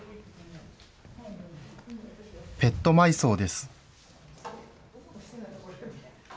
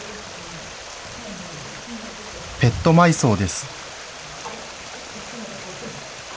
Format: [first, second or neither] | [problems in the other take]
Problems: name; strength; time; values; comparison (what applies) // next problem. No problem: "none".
first | background sound (Stream); 12 dB below the speech